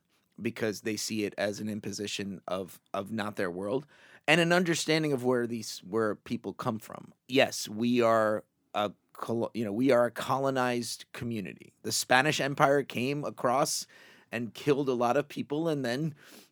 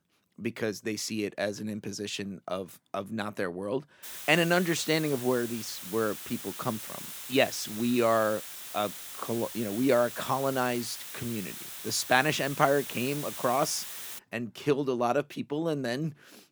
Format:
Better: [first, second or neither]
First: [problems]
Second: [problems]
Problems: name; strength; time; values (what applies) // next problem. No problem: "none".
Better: first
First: none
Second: hiss; loud; from 4 to 14 s; 9 dB below the speech